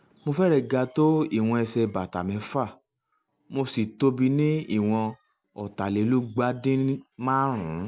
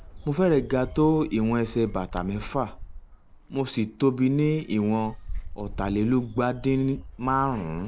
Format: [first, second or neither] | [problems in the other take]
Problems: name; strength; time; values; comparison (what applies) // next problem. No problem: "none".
first | background sound (Bird); 13 dB below the speech